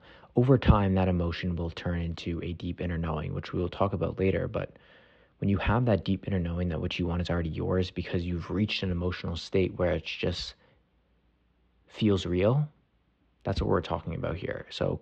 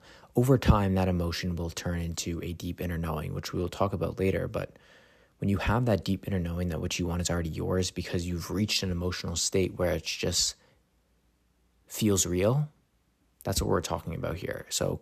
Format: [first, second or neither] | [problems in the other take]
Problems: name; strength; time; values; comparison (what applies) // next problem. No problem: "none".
second | muffled; slightly; fading above 3.5 kHz